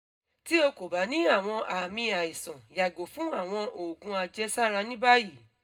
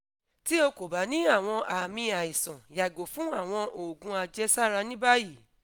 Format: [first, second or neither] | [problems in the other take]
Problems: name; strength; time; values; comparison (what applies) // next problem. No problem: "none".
second | room echo; dies away in 0.2 s